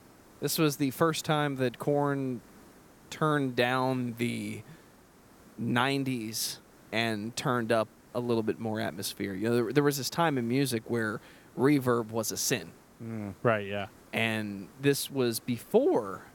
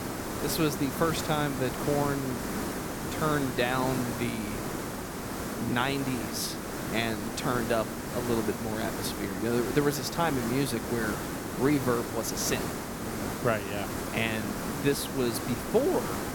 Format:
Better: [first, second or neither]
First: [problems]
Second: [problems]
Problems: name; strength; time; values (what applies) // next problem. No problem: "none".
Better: first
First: hiss; faint; throughout; 25 dB below the speech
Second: hiss; loud; throughout; 3 dB below the speech